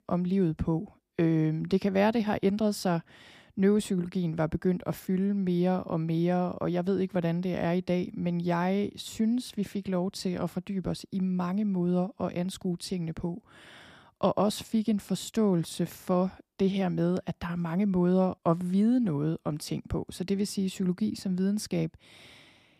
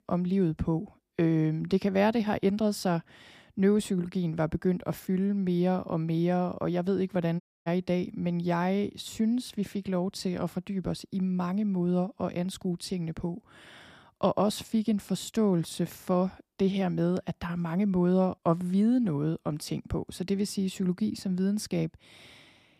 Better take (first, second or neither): first